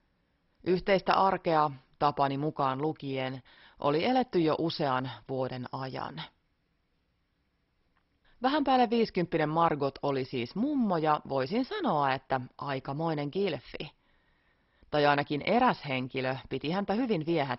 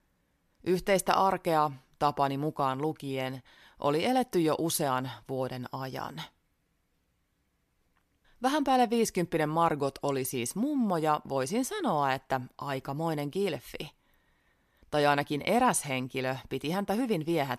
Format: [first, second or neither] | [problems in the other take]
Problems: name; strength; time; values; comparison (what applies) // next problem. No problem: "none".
second | garbled, watery; badly; nothing above 5.5 kHz